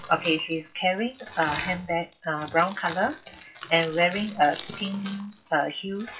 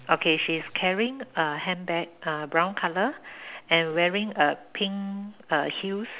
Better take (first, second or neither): second